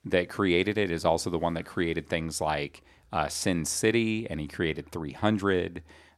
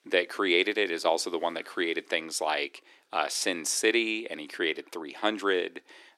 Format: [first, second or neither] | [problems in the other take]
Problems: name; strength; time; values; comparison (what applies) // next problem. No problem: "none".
first | thin; somewhat; fading below 350 Hz